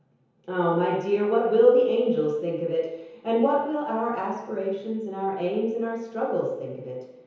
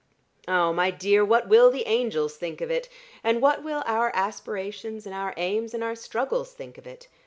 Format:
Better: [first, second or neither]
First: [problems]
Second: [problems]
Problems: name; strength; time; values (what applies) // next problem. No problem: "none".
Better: second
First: room echo; dies away in 0.9 s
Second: none